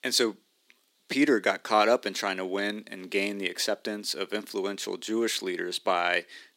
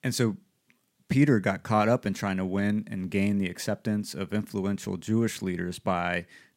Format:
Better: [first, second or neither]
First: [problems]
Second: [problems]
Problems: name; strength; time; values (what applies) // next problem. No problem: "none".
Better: second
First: thin; somewhat; fading below 350 Hz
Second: none